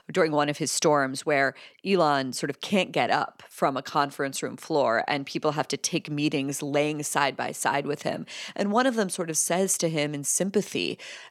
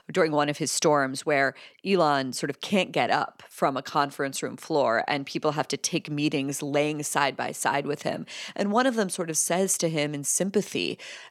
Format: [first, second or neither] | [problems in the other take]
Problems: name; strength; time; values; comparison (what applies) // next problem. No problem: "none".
neither | none